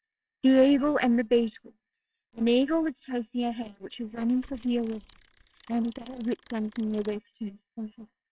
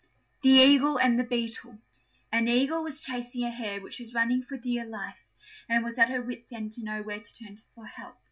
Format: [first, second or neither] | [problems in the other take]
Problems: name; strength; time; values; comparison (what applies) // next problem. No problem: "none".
second | noise reduction (neural separator model SepFormer WHAMR!)